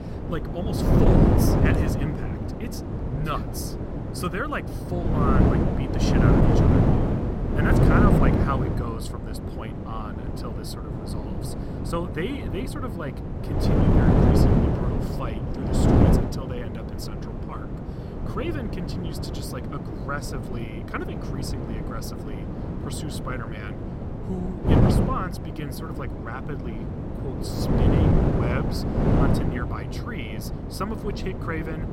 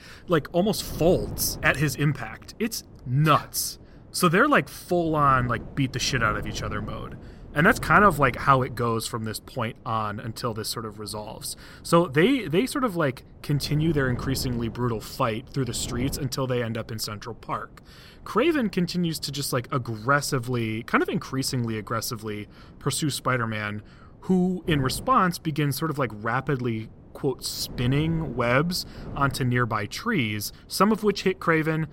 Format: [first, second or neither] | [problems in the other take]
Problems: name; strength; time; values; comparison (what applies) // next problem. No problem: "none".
second | wind noise on the microphone; heavy; 3 dB above the speech; occasional gusts in the second